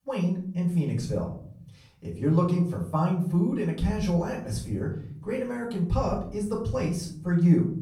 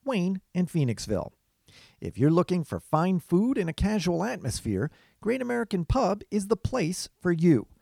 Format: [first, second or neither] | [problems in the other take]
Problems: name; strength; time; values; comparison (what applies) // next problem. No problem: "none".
second | room echo; slight; dies away in 0.7 s // off-mic speech; far